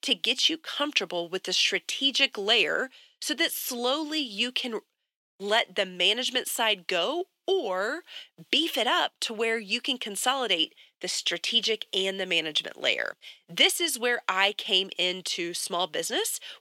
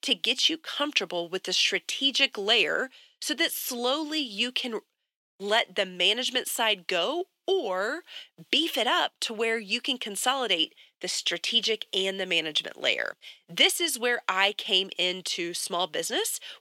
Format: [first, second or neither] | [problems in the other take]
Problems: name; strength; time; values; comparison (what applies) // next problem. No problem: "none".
neither | thin; somewhat; fading below 450 Hz; the same in both